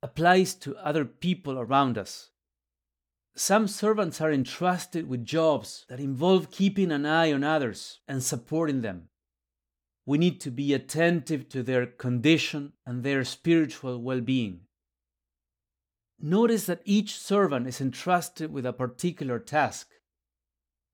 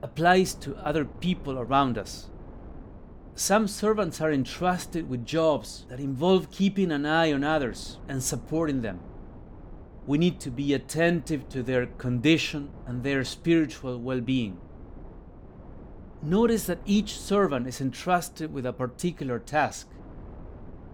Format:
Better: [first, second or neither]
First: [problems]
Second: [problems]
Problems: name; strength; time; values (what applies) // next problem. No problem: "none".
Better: first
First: none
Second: wind noise on the microphone; occasional gusts; 25 dB below the speech